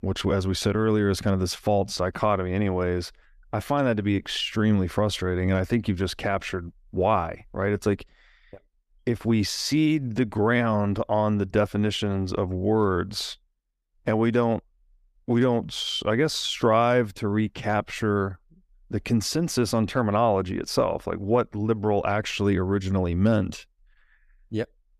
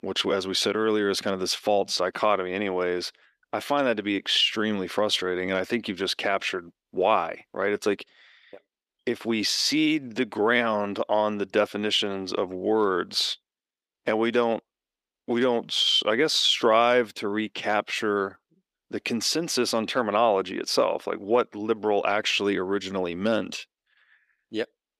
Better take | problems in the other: first | thin; somewhat; fading below 350 Hz

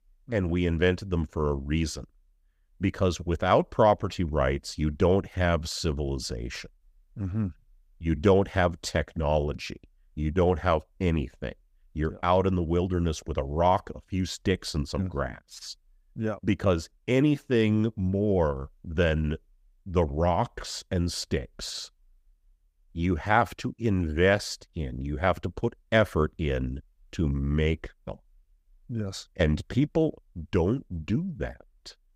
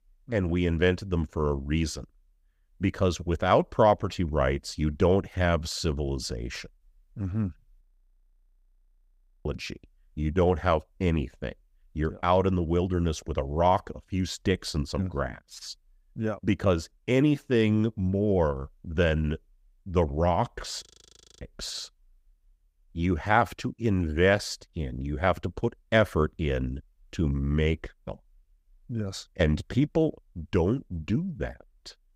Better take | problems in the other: first | audio freezing; at 8 s for 1.5 s and at 21 s for 0.5 s

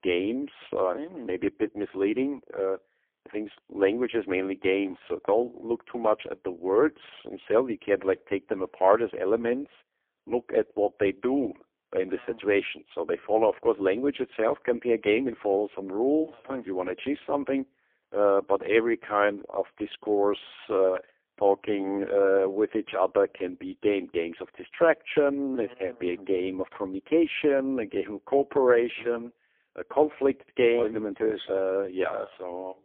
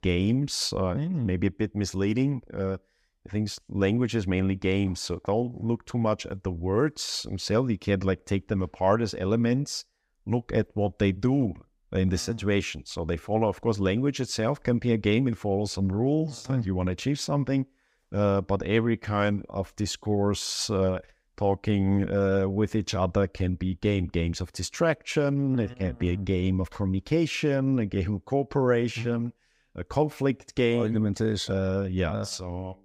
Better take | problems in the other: second | phone-call audio; poor line; nothing above 3.5 kHz

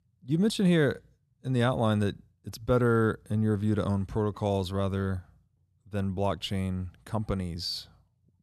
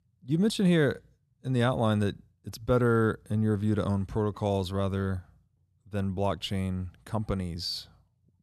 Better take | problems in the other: neither | none

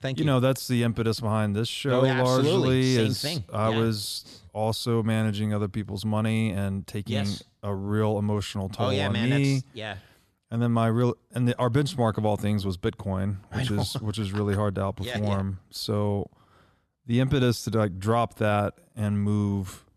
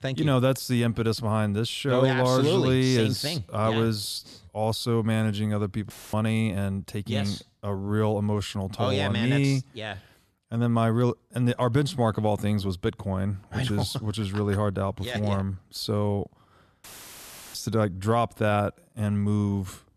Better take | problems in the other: first | audio cutting out; filled with static; at 6 s and at 17 s for 0.5 s

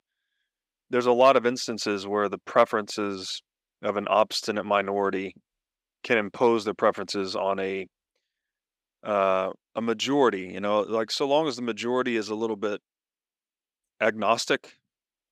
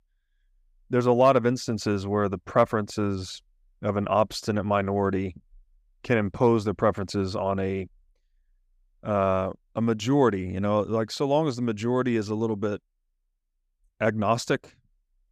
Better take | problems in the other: second | thin; very slightly; fading below 300 Hz

